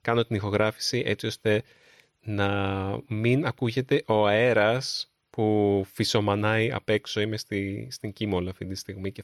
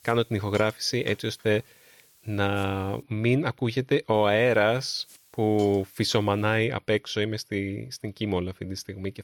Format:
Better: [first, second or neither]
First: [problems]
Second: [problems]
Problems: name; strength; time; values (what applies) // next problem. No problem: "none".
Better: first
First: none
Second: hiss; faint; until 3 s and from 4 to 6.5 s; 25 dB below the speech